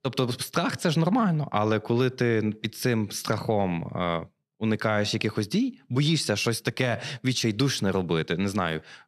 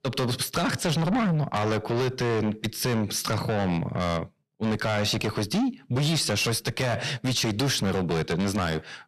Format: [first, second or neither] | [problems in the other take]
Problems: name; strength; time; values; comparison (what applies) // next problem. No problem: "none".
first | distortion; heavy; 6 dB below the speech